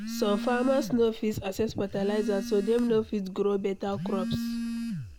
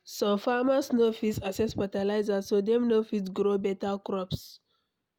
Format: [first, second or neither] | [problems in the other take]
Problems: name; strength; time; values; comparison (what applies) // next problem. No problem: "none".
second | background sound (Telephone); 7 dB below the speech